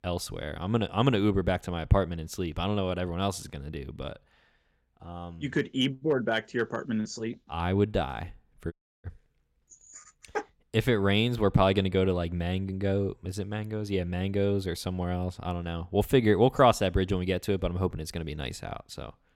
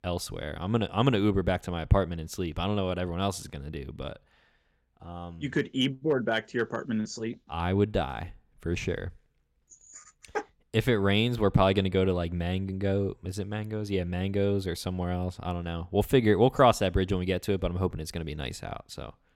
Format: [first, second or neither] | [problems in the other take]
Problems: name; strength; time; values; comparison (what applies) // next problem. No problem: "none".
second | audio cutting out; at 8.5 s